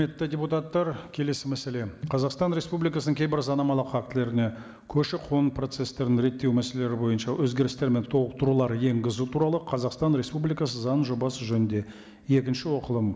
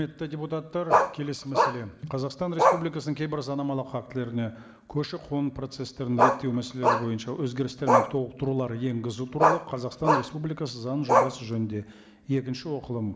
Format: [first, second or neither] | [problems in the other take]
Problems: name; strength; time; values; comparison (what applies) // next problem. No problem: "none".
first | background sound (Bark); 4 dB above the speech